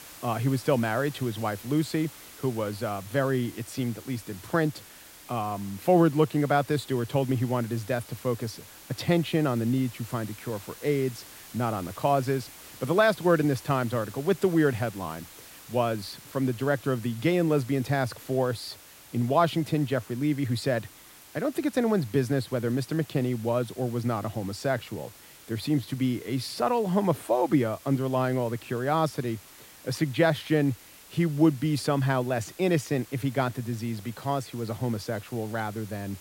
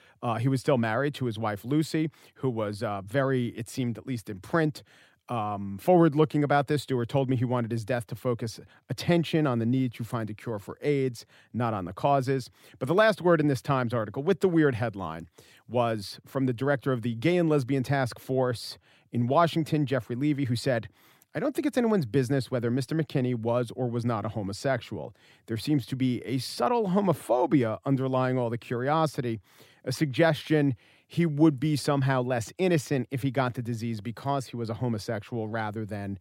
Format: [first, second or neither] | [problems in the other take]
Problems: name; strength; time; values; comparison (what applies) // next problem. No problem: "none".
second | hiss; noticeable; throughout; 20 dB below the speech